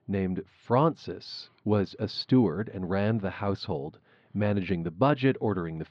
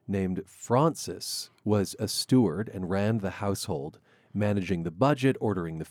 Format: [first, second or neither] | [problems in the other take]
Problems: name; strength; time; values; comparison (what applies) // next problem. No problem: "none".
second | muffled; very slightly; fading above 4 kHz